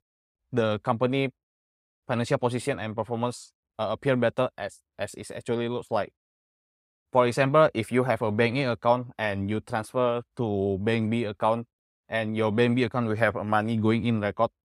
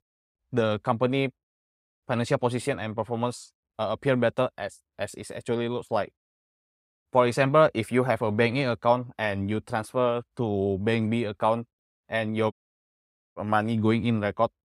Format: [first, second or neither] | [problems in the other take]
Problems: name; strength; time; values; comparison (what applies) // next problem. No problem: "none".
first | audio cutting out; at 13 s for 1 s